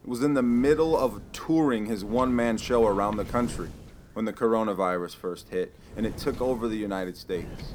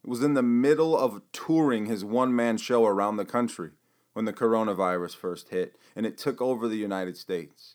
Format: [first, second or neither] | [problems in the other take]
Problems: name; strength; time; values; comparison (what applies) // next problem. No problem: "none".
second | wind noise on the microphone; occasional gusts; 20 dB below the speech